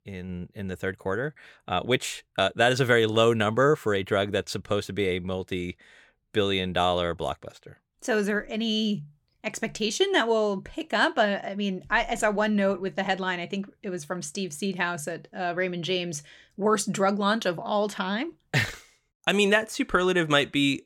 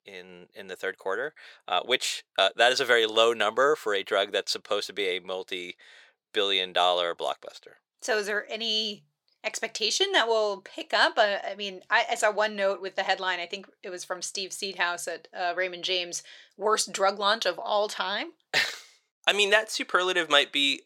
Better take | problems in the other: first | thin; very; fading below 550 Hz

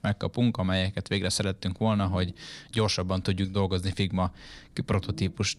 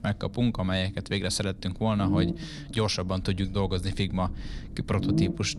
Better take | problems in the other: first | low rumble; loud; throughout; 6 dB below the speech; faint in the first

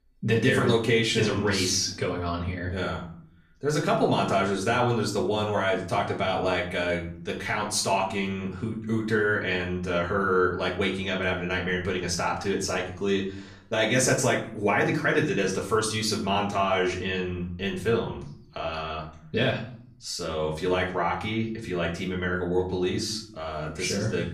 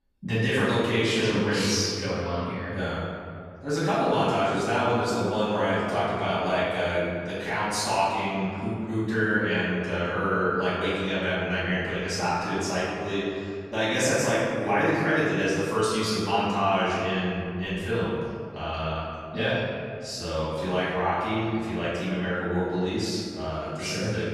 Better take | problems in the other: first | room echo; strong; dies away in 2 s; slight in the first // off-mic speech; far; far in the first

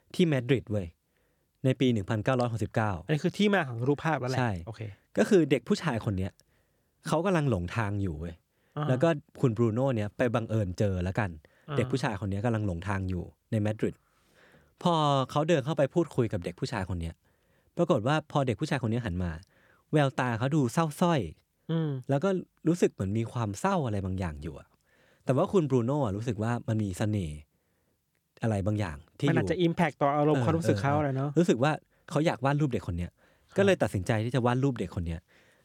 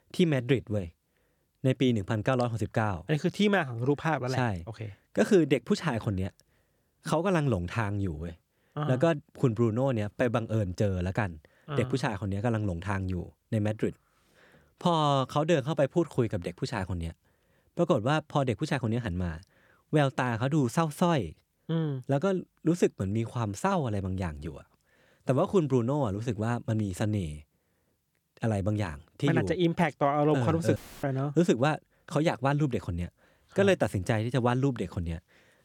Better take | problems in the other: first | audio cutting out; filled with static; at 31 s

